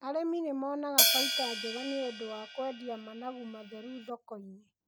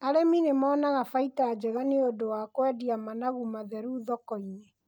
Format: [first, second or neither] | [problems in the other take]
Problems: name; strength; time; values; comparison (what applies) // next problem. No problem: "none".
second | background sound (Hi-hat); 4 dB above the speech